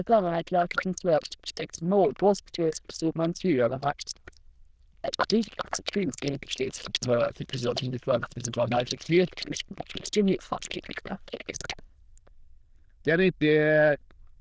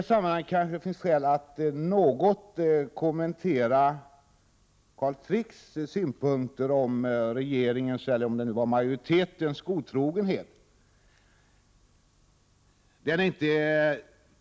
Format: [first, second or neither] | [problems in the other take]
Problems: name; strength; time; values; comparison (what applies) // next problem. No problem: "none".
second | noise reduction (neural diffusion model UNIVERSE++)